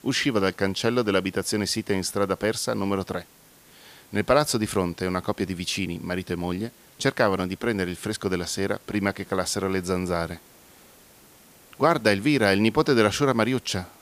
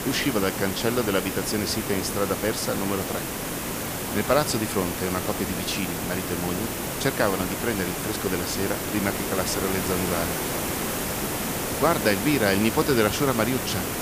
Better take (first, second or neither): first